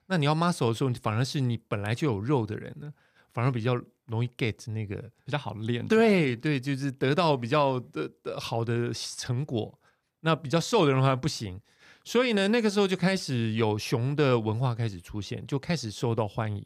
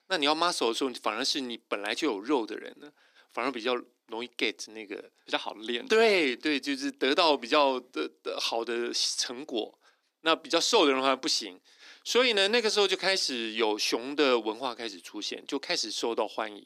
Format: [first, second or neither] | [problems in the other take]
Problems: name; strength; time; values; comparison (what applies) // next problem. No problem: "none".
first | thin; somewhat; fading below 300 Hz